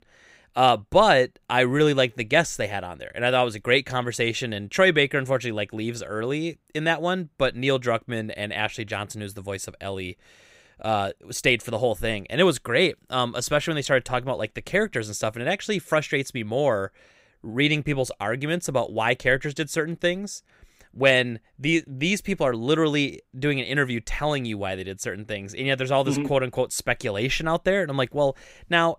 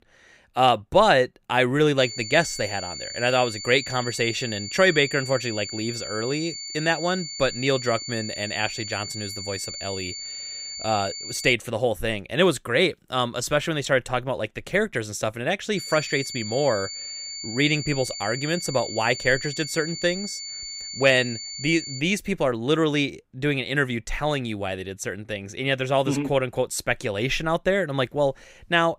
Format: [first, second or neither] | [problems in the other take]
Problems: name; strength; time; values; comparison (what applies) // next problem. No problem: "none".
first | high-pitched whine; loud; from 2 to 12 s and from 16 to 22 s; 4.5 kHz, 8 dB below the speech